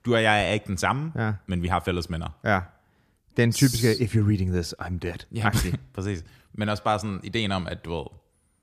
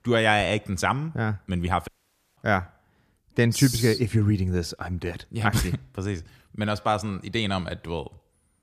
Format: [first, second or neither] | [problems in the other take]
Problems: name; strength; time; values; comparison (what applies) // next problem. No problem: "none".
first | audio cutting out; at 2 s